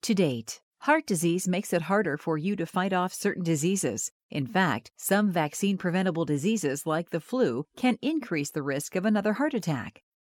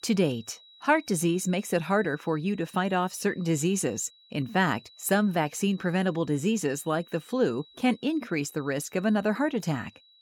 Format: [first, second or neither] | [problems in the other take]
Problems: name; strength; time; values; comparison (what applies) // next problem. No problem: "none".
first | high-pitched whine; faint; throughout; 4 kHz, 25 dB below the speech